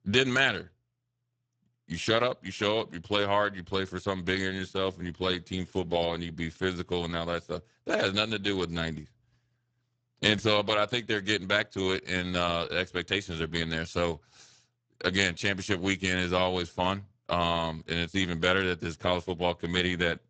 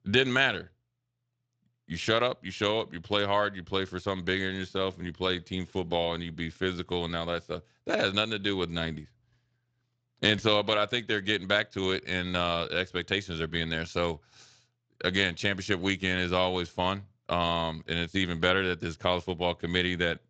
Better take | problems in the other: second | garbled, watery; badly; nothing above 7.5 kHz; slightly in the second

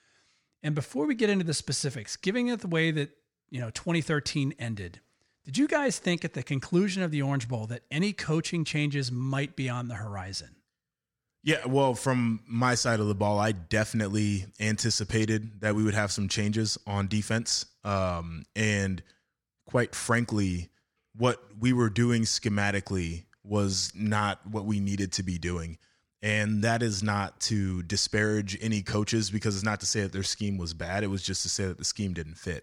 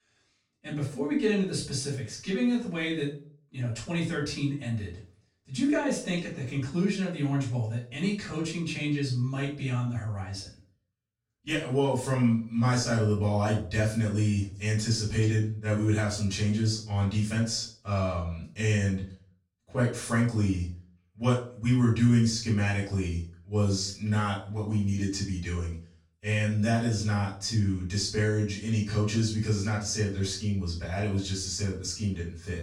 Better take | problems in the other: first | room echo; noticeable; dies away in 0.4 s // off-mic speech; far

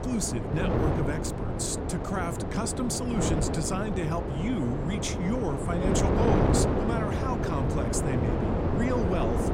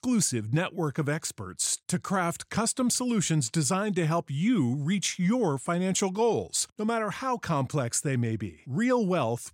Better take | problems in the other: second | wind noise on the microphone; heavy; 2 dB above the speech

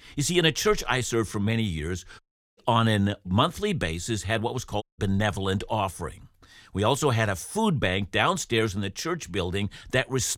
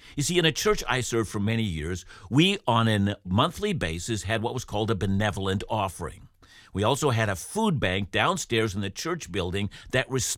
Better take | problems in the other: second | audio cutting out; at 2 s and at 5 s

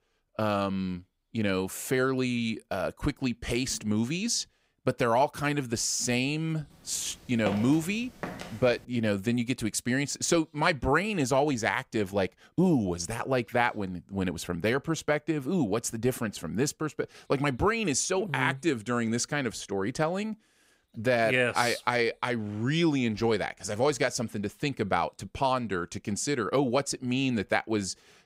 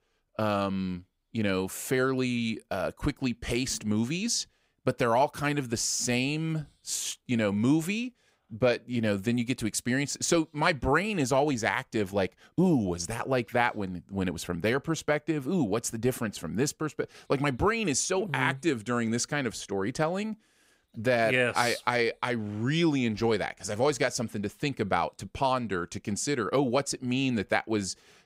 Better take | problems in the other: second | footsteps; noticeable; from 7.5 to 8.5 s; peak 7 dB below the speech

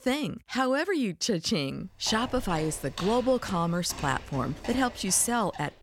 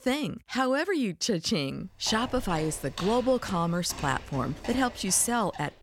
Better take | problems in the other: neither | footsteps; faint; from 2 s on; peak 10 dB below the speech; the same in both

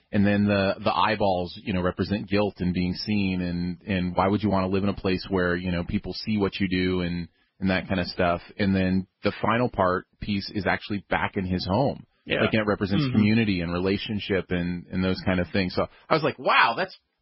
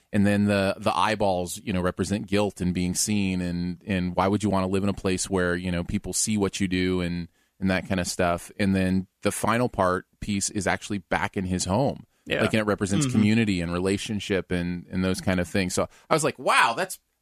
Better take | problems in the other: second | garbled, watery; badly; nothing above 5.5 kHz

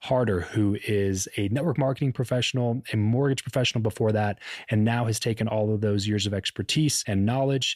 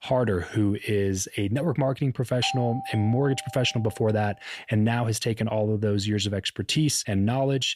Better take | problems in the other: first | doorbell; noticeable; from 2.5 to 4 s; peak 7 dB below the speech

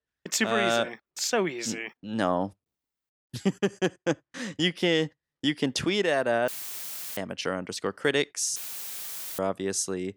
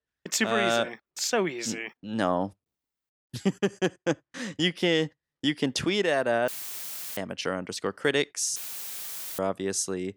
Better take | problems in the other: neither | audio cutting out; filled with static; at 6.5 s for 0.5 s and at 8.5 s for 1 s; the same in both

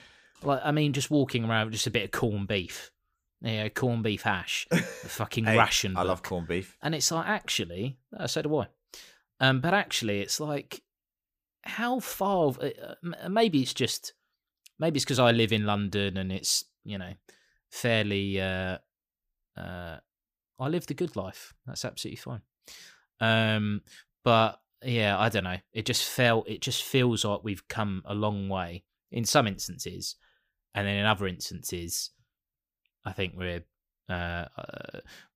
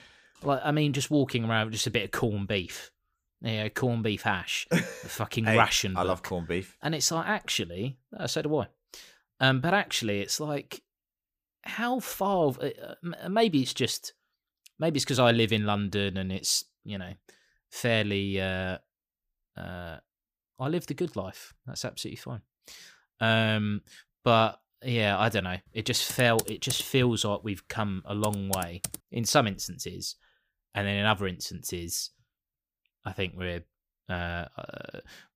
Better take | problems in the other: first | keyboard typing; noticeable; from 26 to 29 s; peak 5 dB below the speech

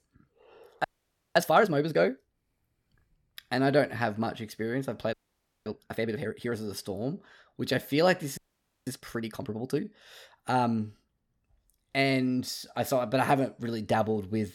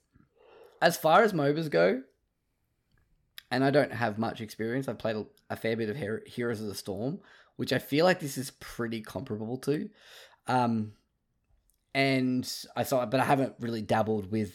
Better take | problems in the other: second | audio freezing; at 1 s for 0.5 s, at 5 s for 0.5 s and at 8.5 s for 0.5 s

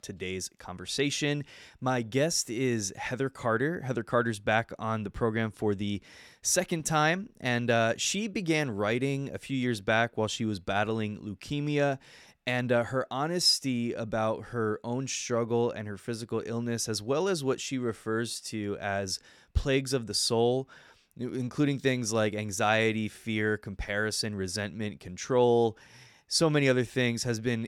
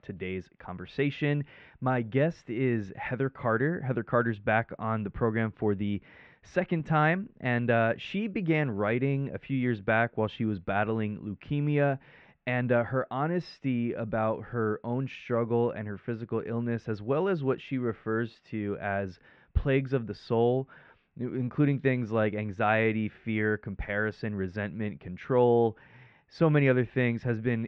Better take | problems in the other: first | muffled; very; fading above 2.5 kHz

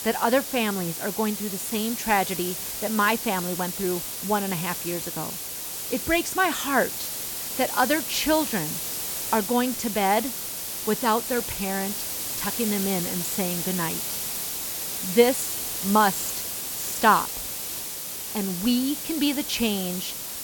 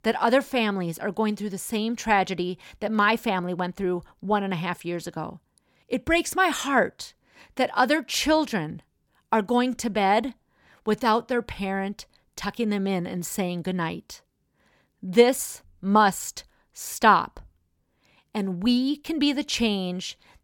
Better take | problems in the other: second | hiss; loud; throughout; 3 dB below the speech

